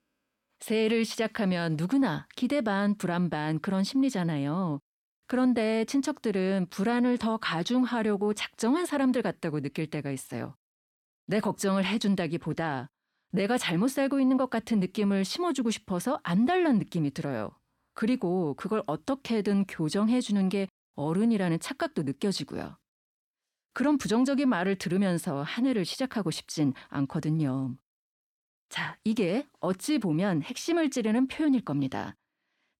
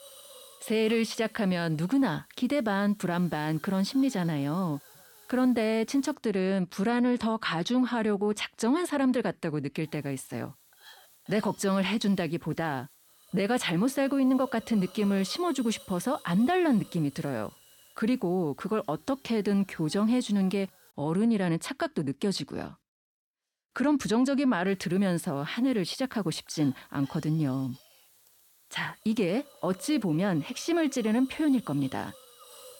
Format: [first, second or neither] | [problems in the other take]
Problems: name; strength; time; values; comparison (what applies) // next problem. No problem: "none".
first | hiss; faint; until 6 s, from 10 to 21 s and from 25 s on; 25 dB below the speech